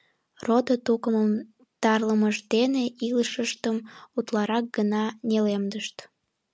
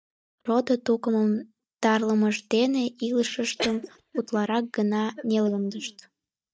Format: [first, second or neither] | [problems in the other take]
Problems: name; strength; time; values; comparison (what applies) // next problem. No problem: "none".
first | noise reduction (neural mask model DeepFilterNet 3)